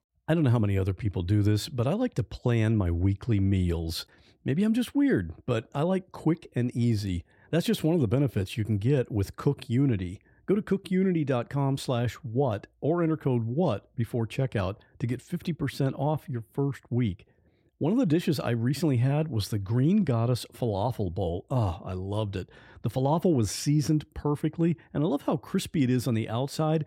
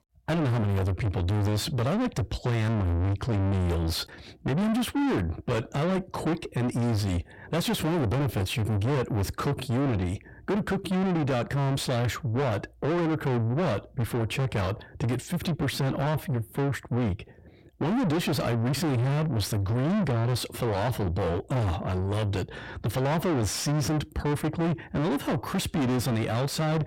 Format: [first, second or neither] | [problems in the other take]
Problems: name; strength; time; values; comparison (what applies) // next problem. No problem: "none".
first | distortion; heavy; 5 dB below the speech